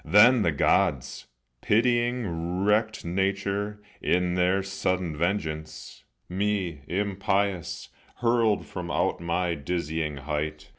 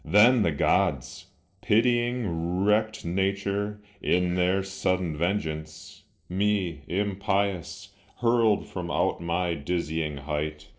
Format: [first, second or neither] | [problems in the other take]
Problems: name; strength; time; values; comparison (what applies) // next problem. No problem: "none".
first | noise reduction (neural separator model SepFormer DNS4)